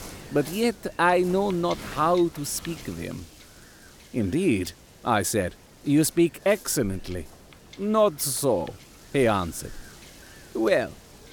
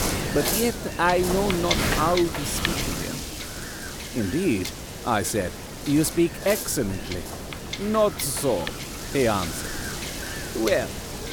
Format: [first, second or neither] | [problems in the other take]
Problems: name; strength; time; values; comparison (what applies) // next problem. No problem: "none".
first | wind noise on the microphone; heavy; 5 dB below the speech; occasional gusts in the first